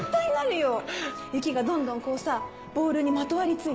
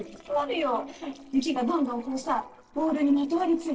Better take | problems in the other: first | noise reduction (neural separator model SepFormer DNS4)

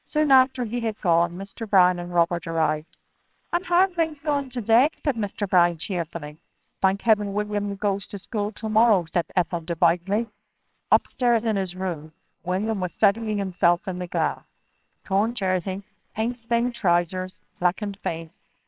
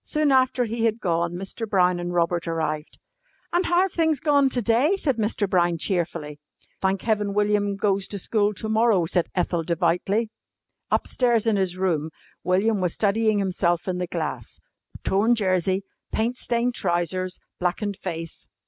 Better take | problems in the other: second | noise reduction (neural separator model SepFormer WHAMR!)

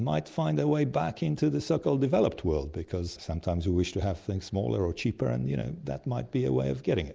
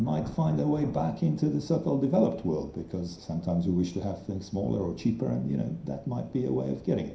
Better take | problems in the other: first | background sound (Thunder / Rain); 17 dB below the speech // room echo; dies away in 0.5 s

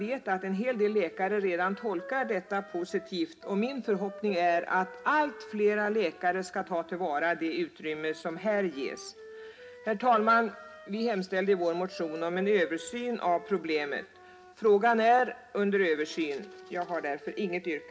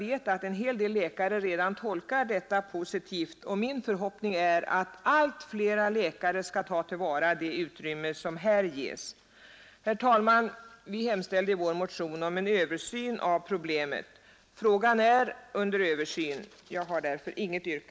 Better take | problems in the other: second | background sound (Wind instrument, woodwind instrument); 18 dB below the speech // room echo; dies away in 0.3 s

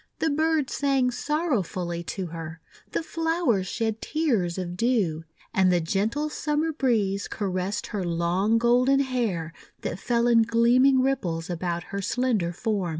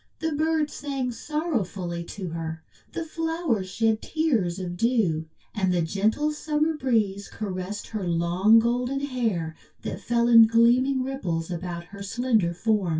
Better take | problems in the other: first | room echo; dies away in 0.1 s

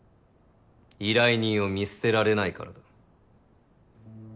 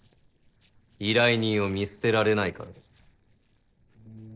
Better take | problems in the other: first | noise reduction (neural separator model SepFormer DNS4)

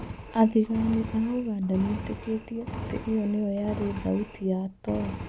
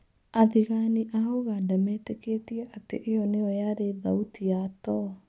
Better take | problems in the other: second | background sound (Engine); 10 dB below the speech

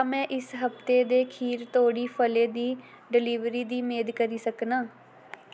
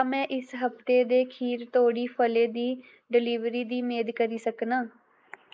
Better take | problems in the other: first | noise reduction (neural mask model Resemble Enhance denoiser)

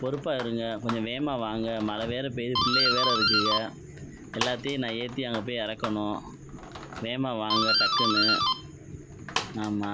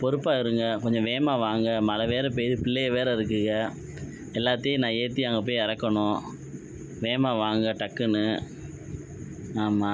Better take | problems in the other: second | background sound (Doorbell); 1 dB above the speech

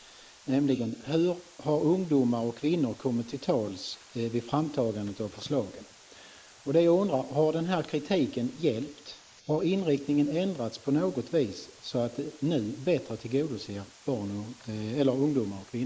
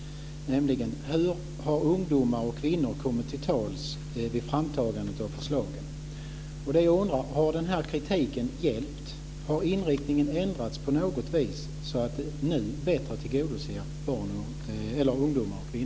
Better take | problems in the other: second | noise reduction (neural mask model Resemble Enhance denoiser)

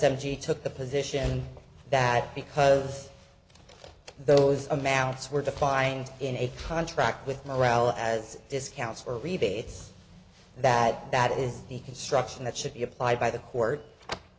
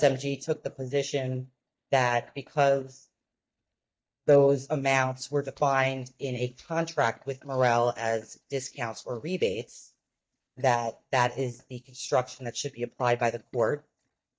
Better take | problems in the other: first | noise reduction (neural mask model DeepFilterNet 3)

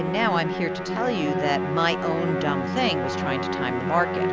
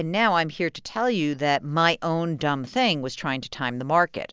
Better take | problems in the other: second | background sound (Musical instrument); as loud as the speech

